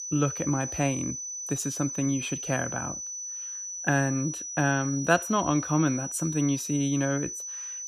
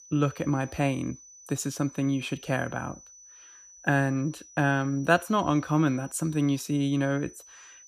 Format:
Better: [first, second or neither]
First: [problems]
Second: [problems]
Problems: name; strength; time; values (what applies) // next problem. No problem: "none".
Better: second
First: high-pitched whine; loud; throughout; 6 kHz, 5 dB below the speech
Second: high-pitched whine; faint; throughout; 6 kHz, 20 dB below the speech